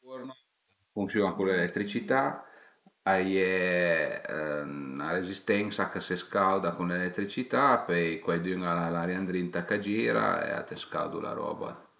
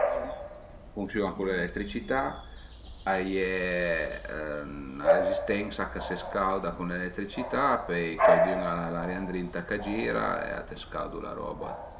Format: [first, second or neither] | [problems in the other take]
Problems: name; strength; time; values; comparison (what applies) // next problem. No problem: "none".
first | background sound (Bark / Bird vocalization, bird call, bird song); 1 dB below the speech